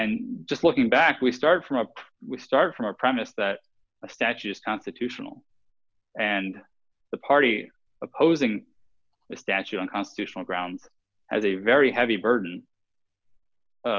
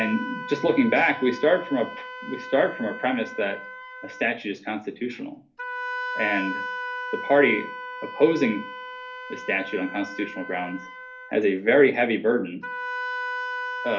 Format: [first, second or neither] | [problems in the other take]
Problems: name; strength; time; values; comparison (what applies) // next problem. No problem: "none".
first | background sound (Wind instrument, woodwind instrument); 9 dB below the speech // room echo; dies away in 0.3 s